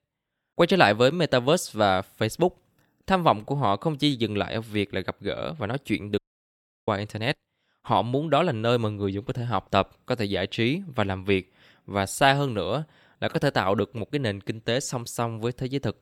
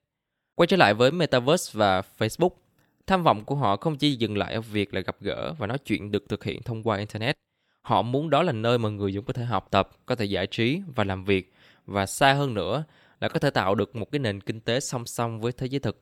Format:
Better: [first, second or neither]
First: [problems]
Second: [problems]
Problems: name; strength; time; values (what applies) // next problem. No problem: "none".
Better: second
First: audio cutting out; at 6 s for 0.5 s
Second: none